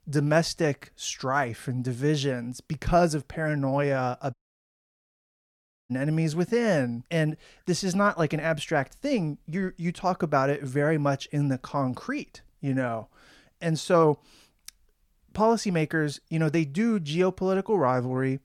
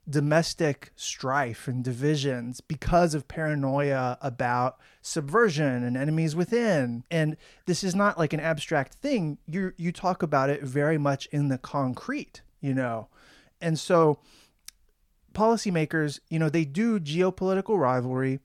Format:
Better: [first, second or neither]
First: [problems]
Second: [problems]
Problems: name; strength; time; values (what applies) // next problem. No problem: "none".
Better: second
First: audio cutting out; at 4.5 s for 1.5 s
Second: none